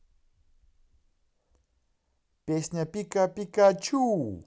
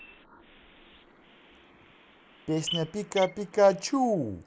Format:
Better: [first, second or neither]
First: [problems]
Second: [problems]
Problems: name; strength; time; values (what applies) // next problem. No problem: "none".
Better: first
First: none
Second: noise reduction (neural mask model Resemble Enhance denoiser)